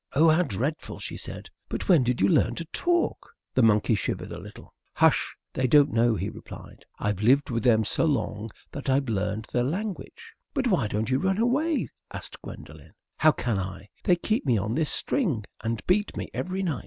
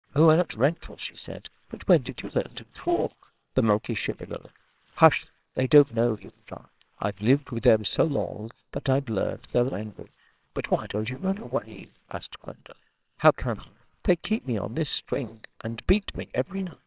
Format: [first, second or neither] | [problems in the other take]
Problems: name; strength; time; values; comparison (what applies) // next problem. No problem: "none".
first | noise reduction (neural separator model SepFormer WHAMR!)